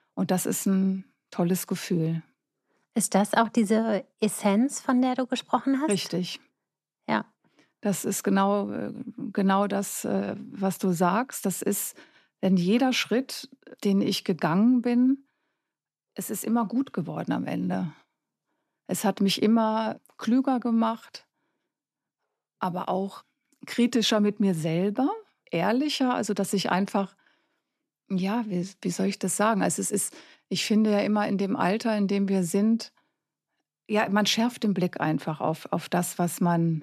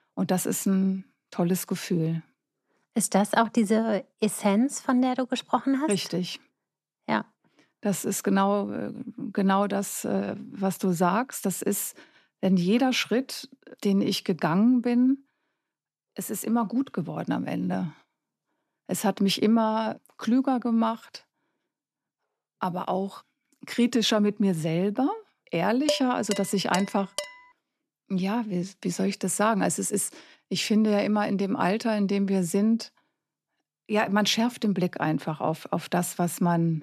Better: first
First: none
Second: clattering dishes; noticeable; from 26 to 27 s; peak 4 dB below the speech

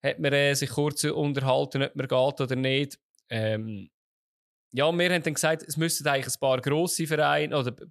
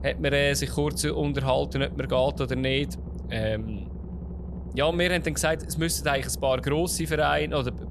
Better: first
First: none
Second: low rumble; faint; throughout; 20 dB below the speech

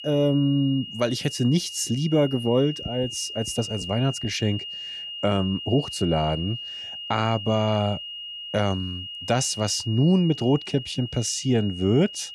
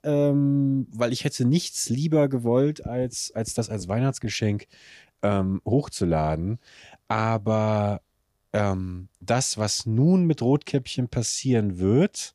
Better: second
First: high-pitched whine; loud; throughout; 3 kHz, 9 dB below the speech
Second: none

